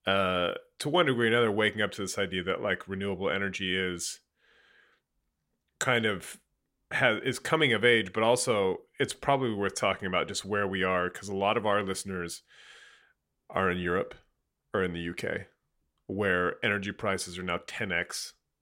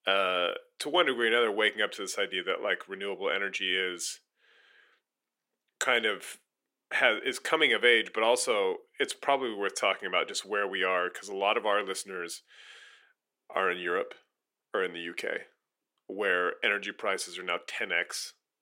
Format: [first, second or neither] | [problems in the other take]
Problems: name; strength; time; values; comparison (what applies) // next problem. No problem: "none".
first | thin; somewhat; fading below 300 Hz